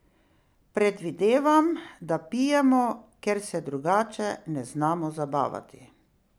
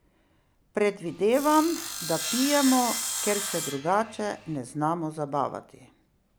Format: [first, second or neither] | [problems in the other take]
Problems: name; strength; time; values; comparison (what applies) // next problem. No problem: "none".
first | background sound (Sawing); 6 dB below the speech